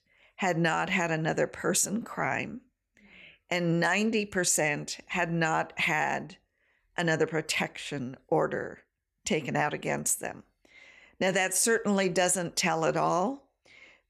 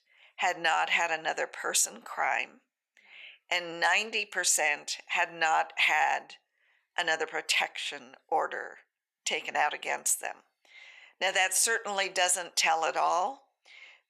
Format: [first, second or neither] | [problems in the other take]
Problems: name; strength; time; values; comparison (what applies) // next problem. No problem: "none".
first | thin; very; fading below 700 Hz